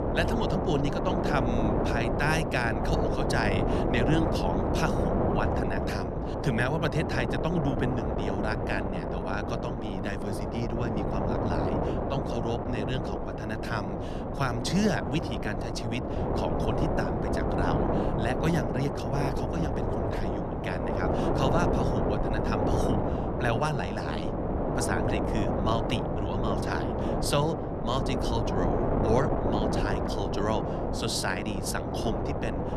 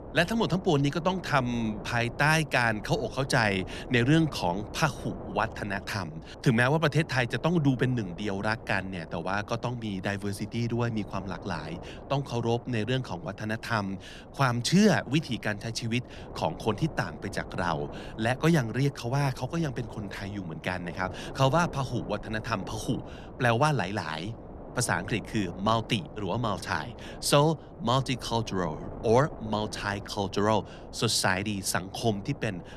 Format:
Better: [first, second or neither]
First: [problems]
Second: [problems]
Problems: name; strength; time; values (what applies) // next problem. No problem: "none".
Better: second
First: wind noise on the microphone; heavy; 2 dB above the speech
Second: wind noise on the microphone; occasional gusts; 15 dB below the speech